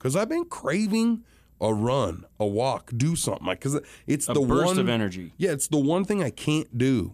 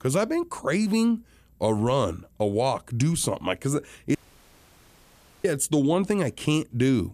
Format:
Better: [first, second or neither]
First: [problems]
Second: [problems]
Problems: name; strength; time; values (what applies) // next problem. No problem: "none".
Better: first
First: none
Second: audio cutting out; at 4 s for 1.5 s